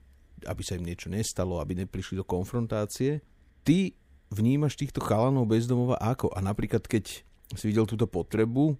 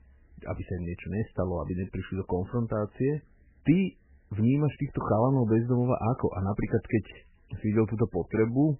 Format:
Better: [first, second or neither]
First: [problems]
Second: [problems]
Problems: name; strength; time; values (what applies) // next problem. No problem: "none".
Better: first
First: none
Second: garbled, watery; badly; nothing above 3 kHz